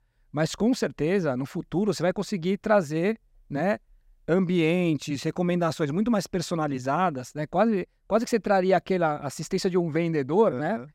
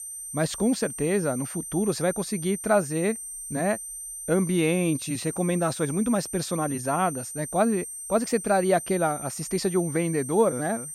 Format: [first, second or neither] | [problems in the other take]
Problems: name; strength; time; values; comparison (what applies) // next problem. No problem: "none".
first | high-pitched whine; loud; throughout; 8.5 kHz, 8 dB below the speech